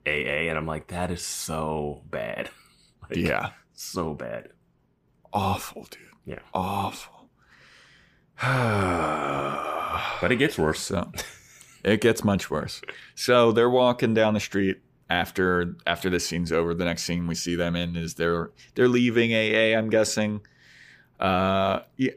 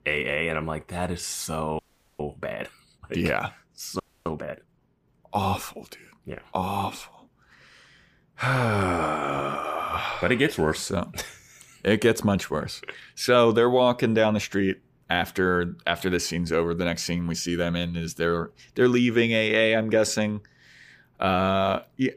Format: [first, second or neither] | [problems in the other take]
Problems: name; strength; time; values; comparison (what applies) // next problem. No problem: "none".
first | audio freezing; at 2 s and at 4 s